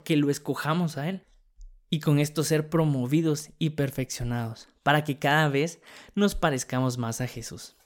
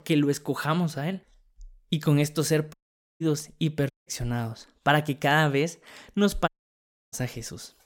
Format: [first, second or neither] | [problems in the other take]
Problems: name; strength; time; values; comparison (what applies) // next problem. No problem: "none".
first | audio cutting out; at 2.5 s, at 4 s and at 6.5 s for 0.5 s